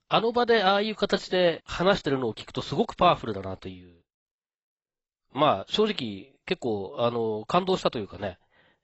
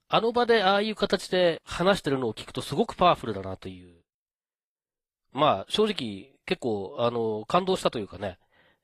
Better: second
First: garbled, watery; badly; nothing above 8 kHz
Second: garbled, watery; slightly

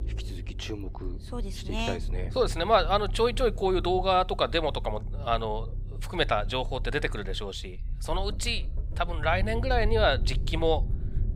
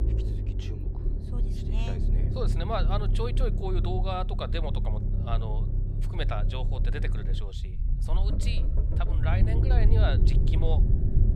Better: first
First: low rumble; faint; throughout; 25 dB below the speech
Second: low rumble; loud; throughout; 6 dB below the speech

